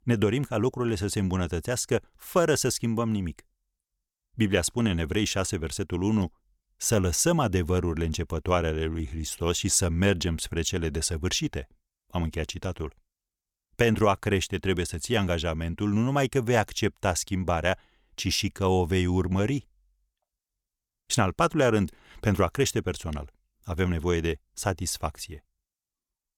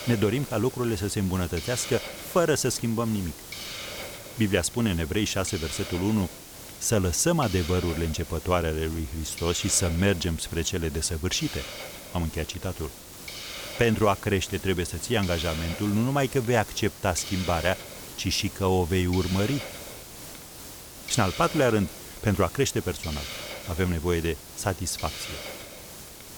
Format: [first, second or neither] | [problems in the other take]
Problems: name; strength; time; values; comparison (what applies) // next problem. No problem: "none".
first | hiss; noticeable; throughout; 10 dB below the speech